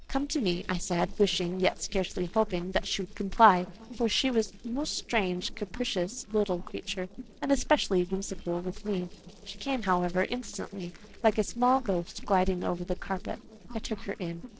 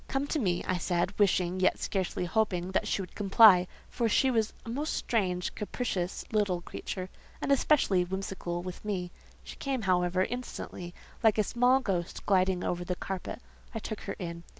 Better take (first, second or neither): second